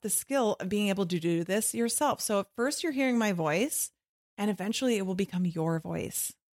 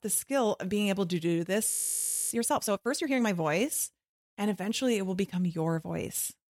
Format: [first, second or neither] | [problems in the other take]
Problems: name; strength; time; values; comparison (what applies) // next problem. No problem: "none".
first | audio freezing; at 1.5 s for 0.5 s